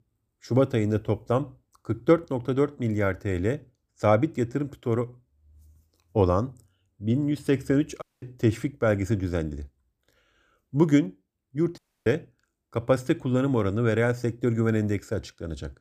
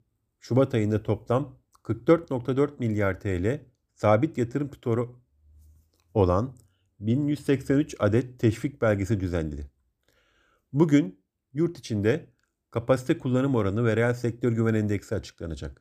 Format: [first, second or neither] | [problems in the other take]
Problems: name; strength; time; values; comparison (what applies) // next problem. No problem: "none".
second | audio cutting out; at 8 s and at 12 s